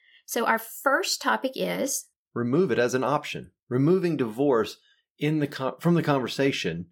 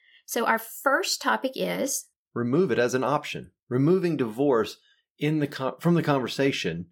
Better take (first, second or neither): neither